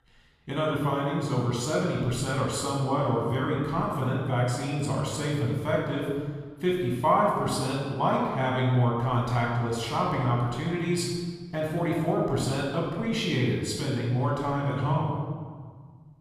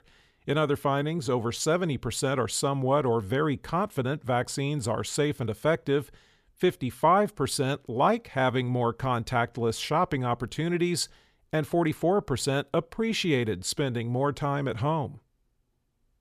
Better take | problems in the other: second | off-mic speech; far // room echo; noticeable; dies away in 1.4 s

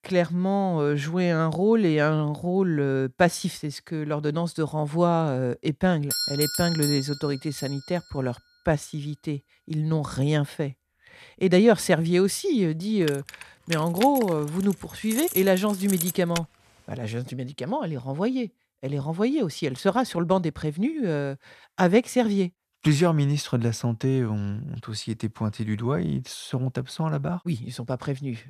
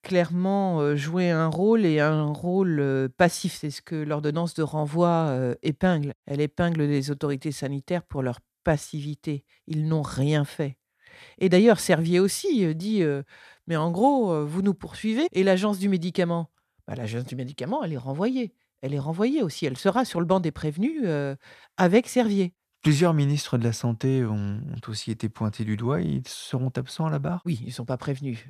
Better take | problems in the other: second | doorbell; loud; from 6 to 7.5 s; peak level with the speech // jangling keys; noticeable; from 13 to 16 s; peak 3 dB below the speech

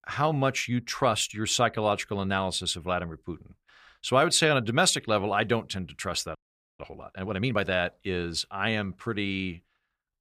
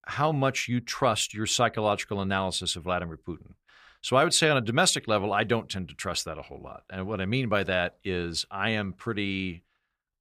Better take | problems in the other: second | audio freezing; at 6.5 s

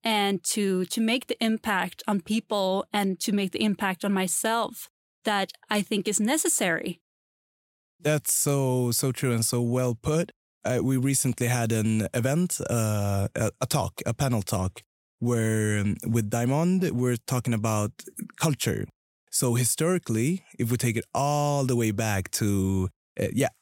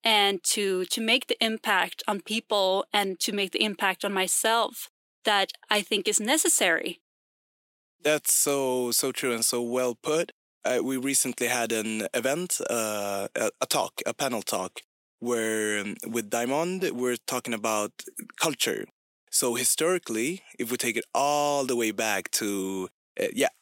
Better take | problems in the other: first | thin; somewhat; fading below 300 Hz

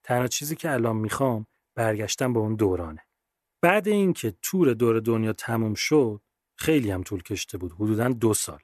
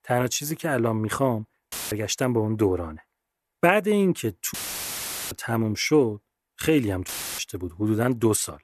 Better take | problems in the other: first | audio cutting out; filled with static; at 1.5 s, at 4.5 s for 1 s and at 7 s

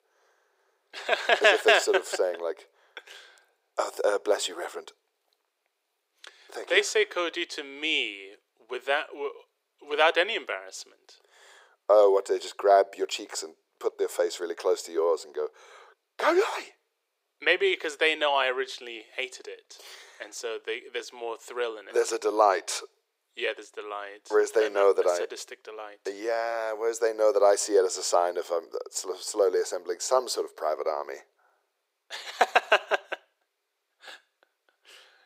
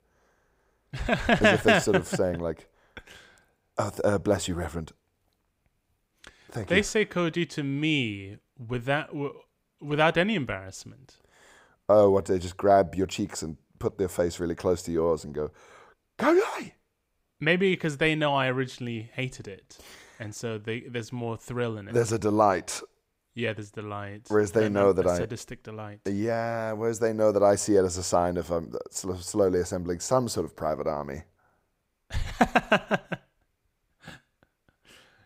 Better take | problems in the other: second | thin; very; fading below 400 Hz

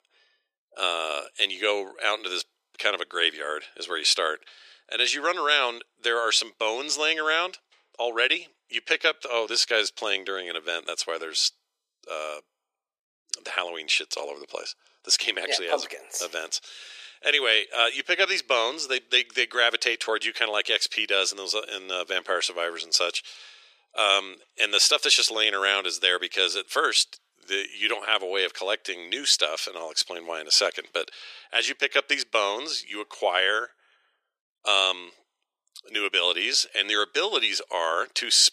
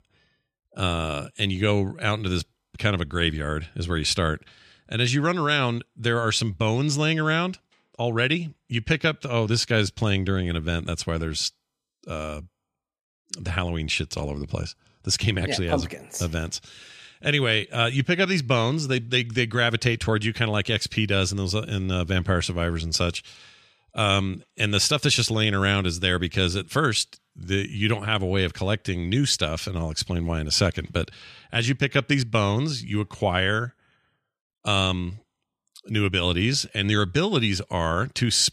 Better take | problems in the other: second | thin; very; fading below 400 Hz

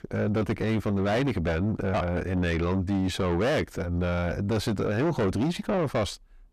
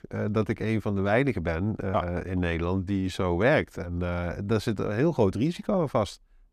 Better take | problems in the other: second | distortion; heavy; 7 dB below the speech

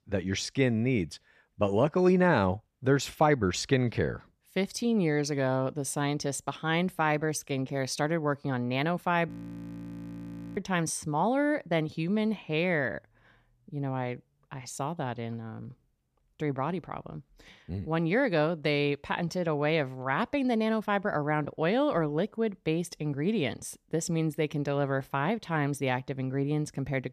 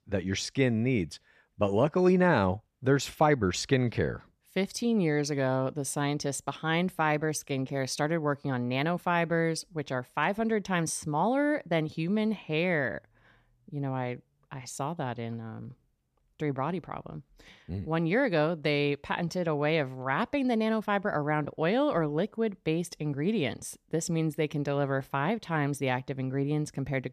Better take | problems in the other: second | audio freezing; at 9.5 s for 1.5 s

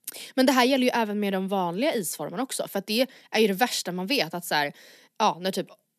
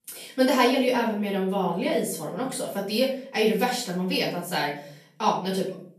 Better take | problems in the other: first | off-mic speech; far // room echo; noticeable; dies away in 0.5 s

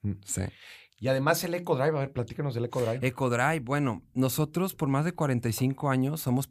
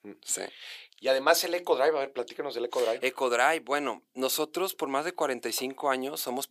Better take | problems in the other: first | thin; very; fading below 350 Hz

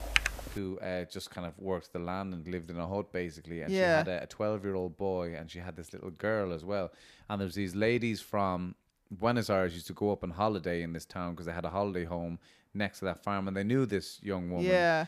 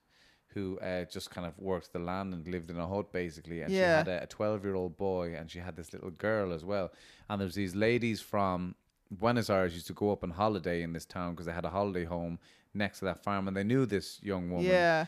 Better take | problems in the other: second | keyboard typing; loud; at the start; peak 4 dB above the speech

